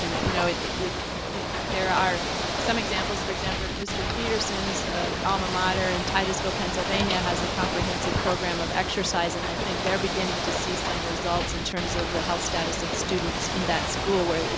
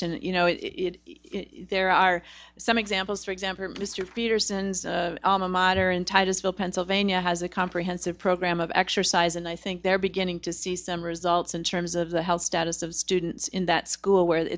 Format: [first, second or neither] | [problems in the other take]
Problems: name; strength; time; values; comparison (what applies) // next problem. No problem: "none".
second | background sound (Ocean / Boat, Water vehicle); 1 dB above the speech